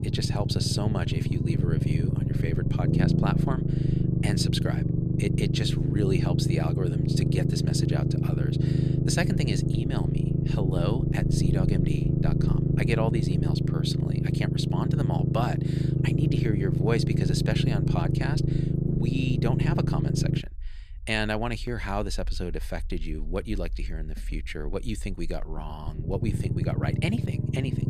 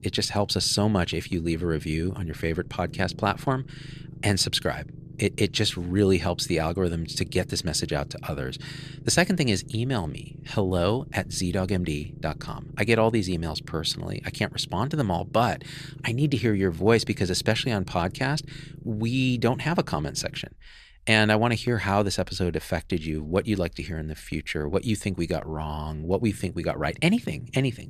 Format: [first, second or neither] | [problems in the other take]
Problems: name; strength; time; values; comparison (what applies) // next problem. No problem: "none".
second | low rumble; loud; throughout; as loud as the speech; faint in the second